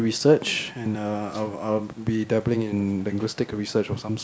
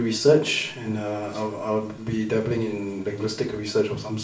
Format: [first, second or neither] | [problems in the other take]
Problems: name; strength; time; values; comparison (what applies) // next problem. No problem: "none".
first | room echo; dies away in 0.4 s